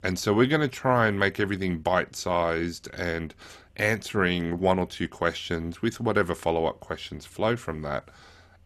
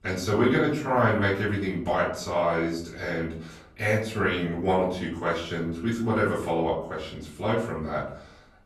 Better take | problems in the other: first | off-mic speech; far // room echo; noticeable; dies away in 0.6 s

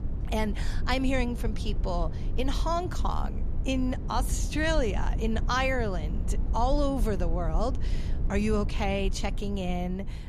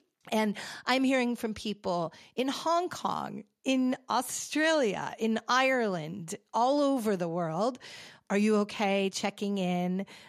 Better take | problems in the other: second | low rumble; noticeable; throughout; 15 dB below the speech

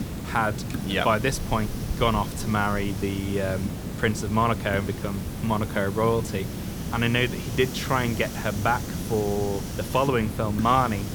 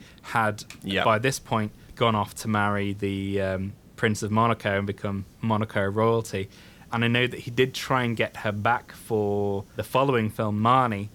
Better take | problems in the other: second | hiss; loud; throughout; 6 dB below the speech; faint in the second

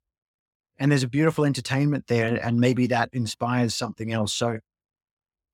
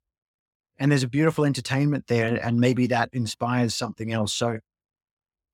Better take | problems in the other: neither | none

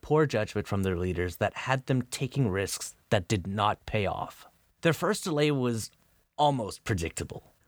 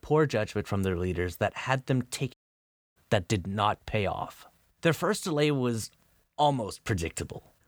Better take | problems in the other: first | audio cutting out; at 2.5 s for 0.5 s

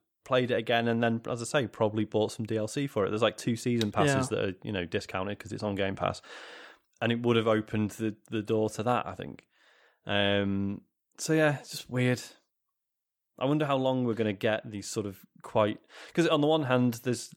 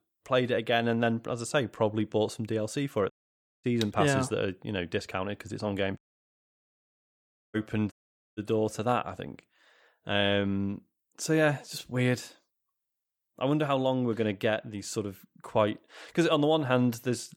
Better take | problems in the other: first | audio cutting out; at 3 s for 0.5 s, at 6 s for 1.5 s and at 8 s

